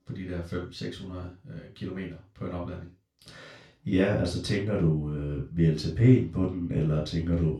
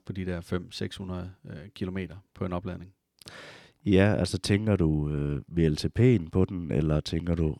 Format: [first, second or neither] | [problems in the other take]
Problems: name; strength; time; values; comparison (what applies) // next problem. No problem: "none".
second | room echo; noticeable; dies away in 0.2 s // off-mic speech; far